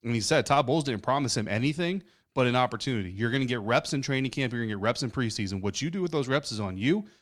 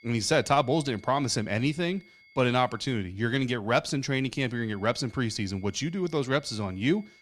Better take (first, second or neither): first